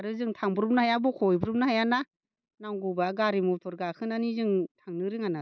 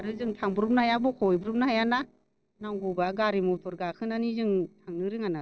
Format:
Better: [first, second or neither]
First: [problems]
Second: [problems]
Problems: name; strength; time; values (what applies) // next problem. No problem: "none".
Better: first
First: none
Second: noise reduction (neural separator model SepFormer DNS4)